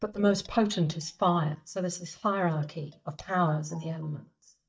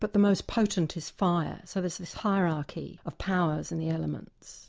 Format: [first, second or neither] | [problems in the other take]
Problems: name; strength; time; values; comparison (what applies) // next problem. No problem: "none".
second | noise reduction (neural mask model DeepFilterNet 3)